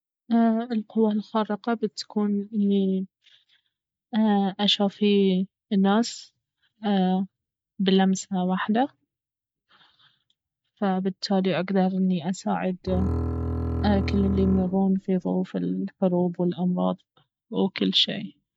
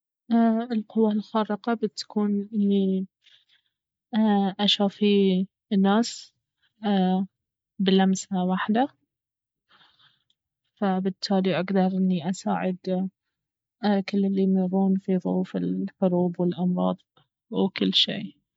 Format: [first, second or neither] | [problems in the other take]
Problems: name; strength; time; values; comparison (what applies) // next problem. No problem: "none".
second | background sound (Bowed string instrument); 3 dB below the speech